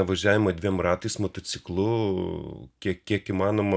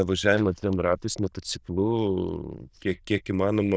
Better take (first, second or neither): first